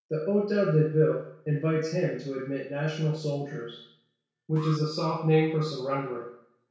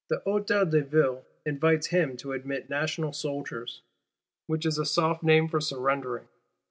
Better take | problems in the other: second | background sound (Alarm); 20 dB below the speech // room echo; dies away in 0.6 s

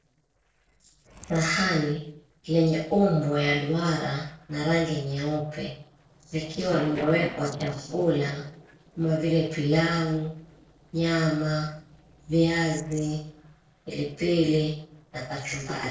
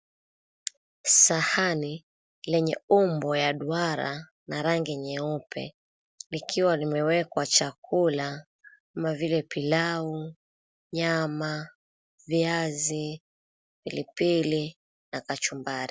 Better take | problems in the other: second | noise reduction (neural separator model SepFormer DNS4)

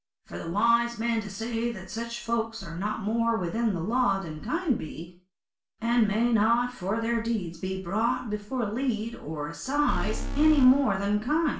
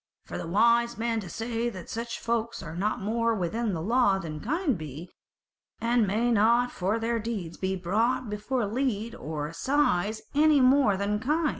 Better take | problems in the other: second | background sound (Alarm); 4 dB below the speech // room echo; dies away in 0.3 s

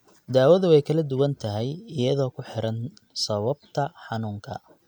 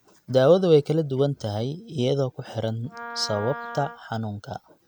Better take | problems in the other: first | background sound (Wind instrument, woodwind instrument); 14 dB below the speech

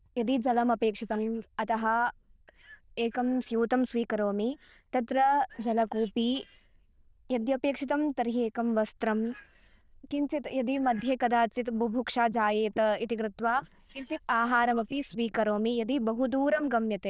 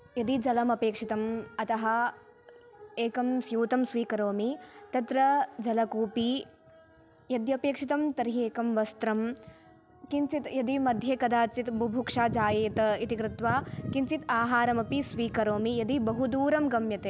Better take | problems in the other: second | noise reduction (neural diffusion model UNIVERSE++)

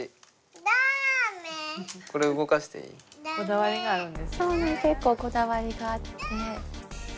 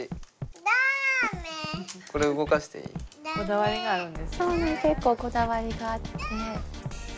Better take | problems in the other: first | background sound (Scratching (performance technique)); 12 dB below the speech

